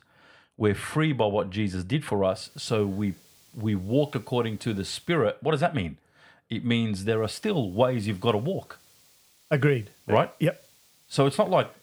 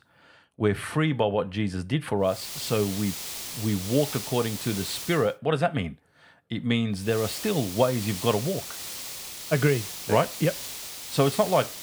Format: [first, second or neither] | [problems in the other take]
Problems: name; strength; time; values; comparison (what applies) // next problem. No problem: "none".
first | hiss; loud; from 2.5 to 5 s and from 7 s on; 8 dB below the speech; faint in the first